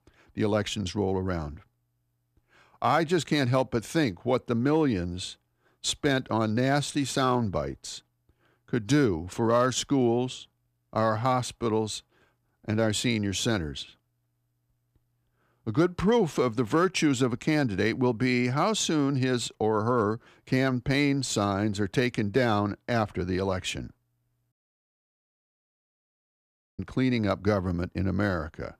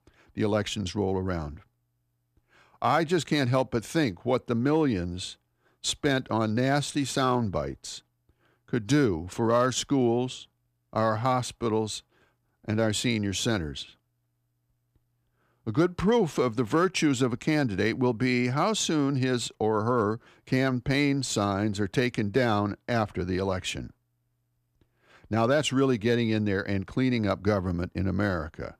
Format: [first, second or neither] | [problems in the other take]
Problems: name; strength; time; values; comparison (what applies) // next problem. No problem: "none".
second | audio cutting out; at 25 s for 2.5 s